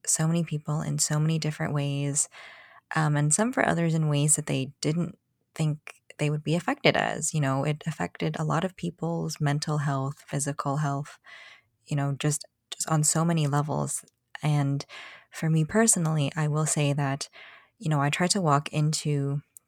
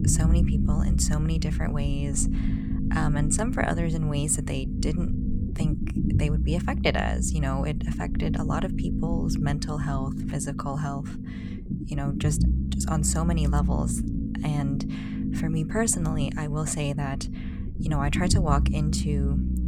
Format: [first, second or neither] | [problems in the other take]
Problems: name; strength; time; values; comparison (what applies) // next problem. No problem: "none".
first | low rumble; loud; throughout; 6 dB below the speech